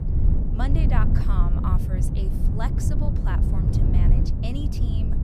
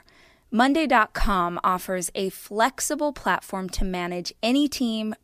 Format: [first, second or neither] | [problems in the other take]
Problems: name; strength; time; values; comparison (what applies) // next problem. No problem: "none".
second | low rumble; loud; throughout; as loud as the speech